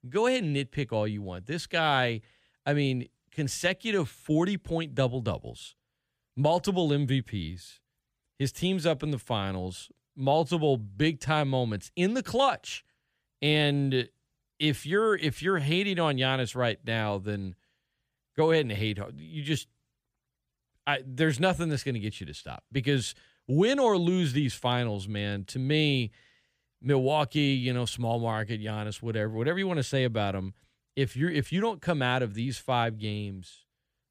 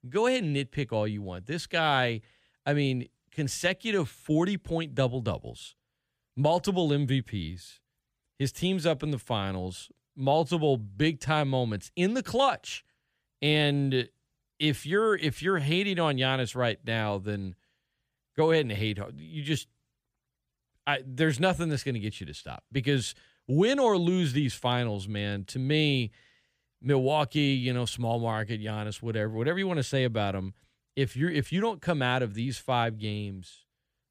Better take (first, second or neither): neither